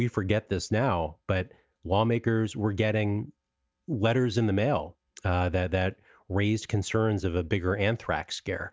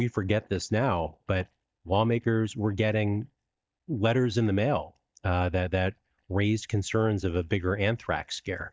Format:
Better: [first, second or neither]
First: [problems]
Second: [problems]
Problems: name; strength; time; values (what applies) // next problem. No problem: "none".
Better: first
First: none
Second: noise reduction (neural mask model DeepFilterNet 3)